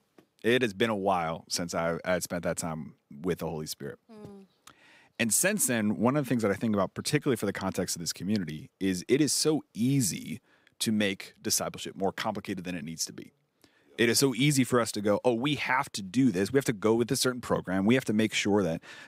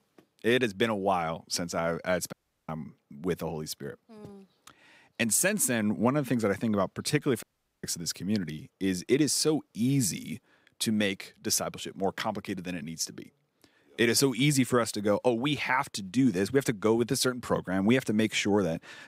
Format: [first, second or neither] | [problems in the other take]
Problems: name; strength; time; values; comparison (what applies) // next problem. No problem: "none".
first | audio cutting out; at 2.5 s and at 7.5 s